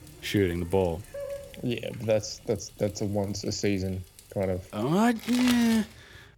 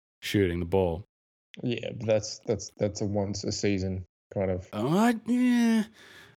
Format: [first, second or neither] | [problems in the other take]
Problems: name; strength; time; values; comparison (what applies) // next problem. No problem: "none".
second | household noises; noticeable; throughout; 15 dB below the speech